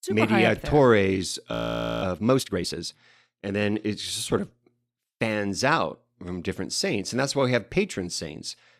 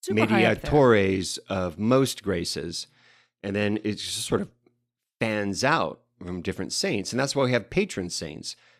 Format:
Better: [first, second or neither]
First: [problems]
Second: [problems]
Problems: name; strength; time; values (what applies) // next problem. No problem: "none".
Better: second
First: audio freezing; at 1.5 s for 0.5 s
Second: none